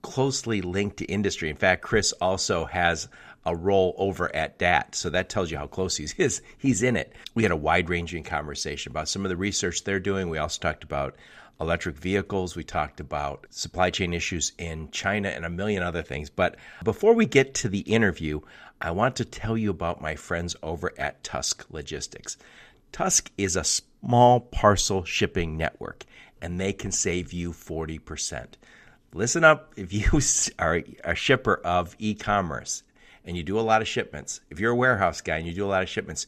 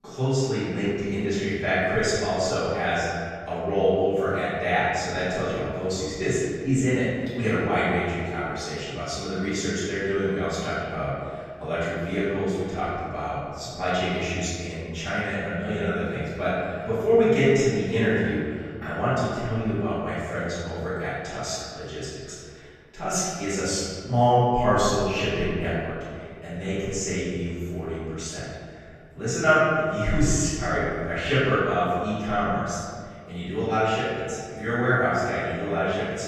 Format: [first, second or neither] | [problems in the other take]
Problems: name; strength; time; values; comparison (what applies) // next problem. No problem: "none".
first | room echo; strong; dies away in 1.9 s // off-mic speech; far